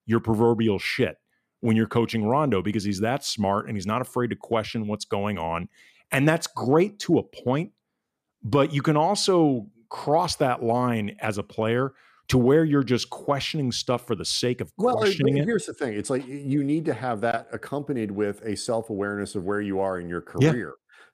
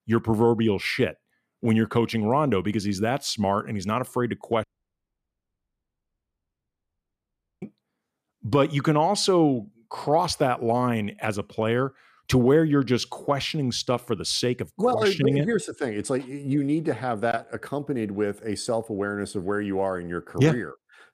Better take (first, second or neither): first